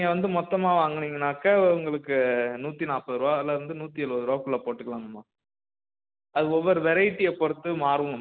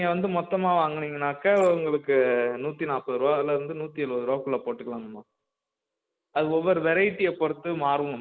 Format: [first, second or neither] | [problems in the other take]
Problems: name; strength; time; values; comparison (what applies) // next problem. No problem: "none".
first | noise reduction (neural mask model Resemble Enhance denoiser)